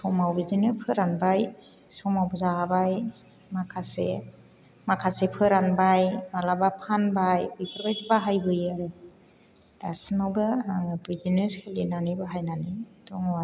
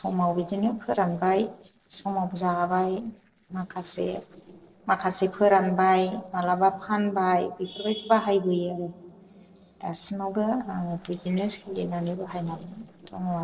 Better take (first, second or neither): first